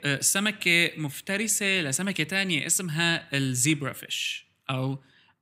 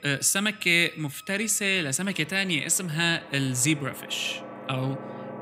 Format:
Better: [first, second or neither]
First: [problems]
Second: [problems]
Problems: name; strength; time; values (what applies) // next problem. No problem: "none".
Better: first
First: none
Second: background music; noticeable; throughout; 20 dB below the speech